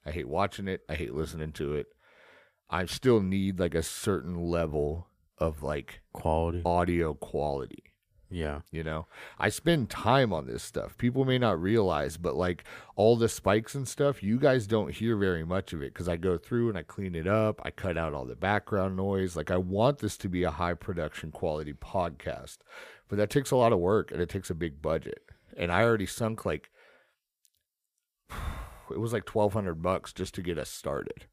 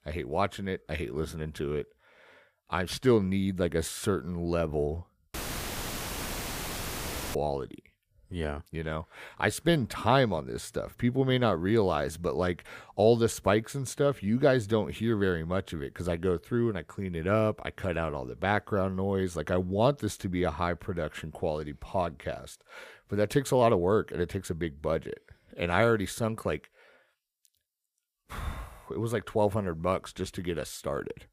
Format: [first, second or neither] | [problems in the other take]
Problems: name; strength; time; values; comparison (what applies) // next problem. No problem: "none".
first | audio cutting out; filled with static; at 5.5 s for 2 s